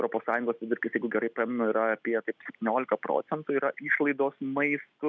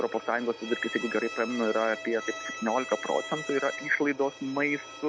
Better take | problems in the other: first | background sound (Bowed string instrument); 11 dB below the speech

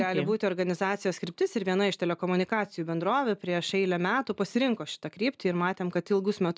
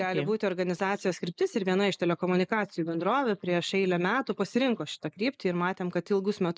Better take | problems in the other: first | noise reduction (neural mask model Resemble Enhance denoiser)

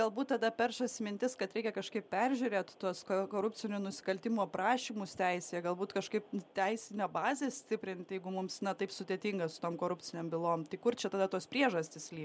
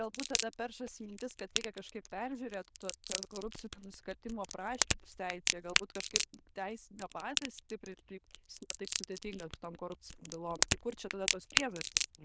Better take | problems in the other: first | noise reduction (neural diffusion model UNIVERSE++)

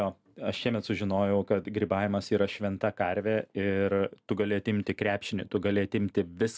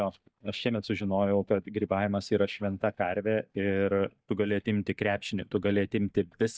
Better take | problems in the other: first | noise reduction (neural mask model DeepFilterNet 3)

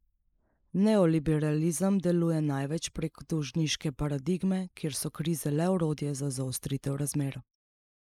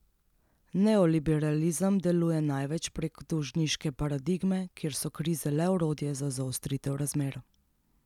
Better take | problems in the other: second | noise reduction (neural mask model Resemble Enhance denoiser)

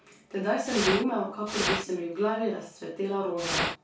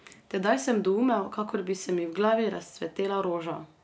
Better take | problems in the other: second | background sound (Fire); 1 dB above the speech // room echo; dies away in 0.3 s

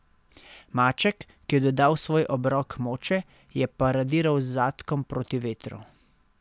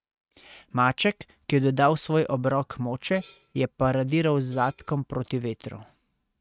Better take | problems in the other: first | noise reduction (neural mask model RNNoise)

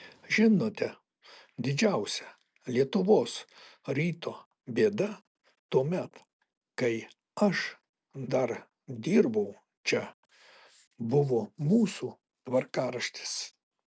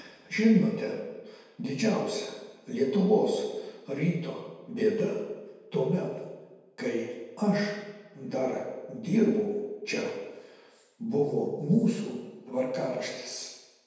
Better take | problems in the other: first | room echo; dies away in 1.1 s

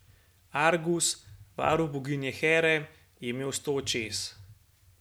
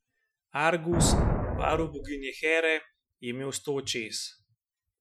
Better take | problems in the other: first | noise reduction (classical method Wiener filter)

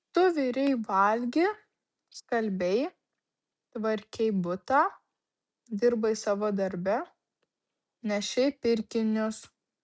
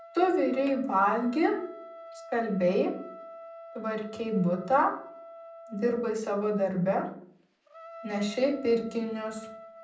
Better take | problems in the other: first | background sound (Trumpet); 17 dB below the speech // room echo; dies away in 0.6 s

